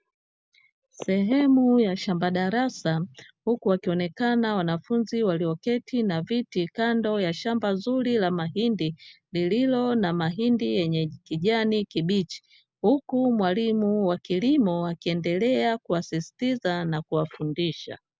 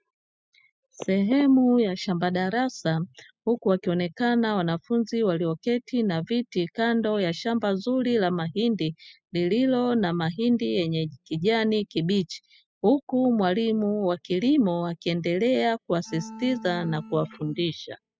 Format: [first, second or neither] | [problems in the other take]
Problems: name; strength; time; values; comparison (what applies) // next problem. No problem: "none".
first | noise reduction (classical method spectral subtraction)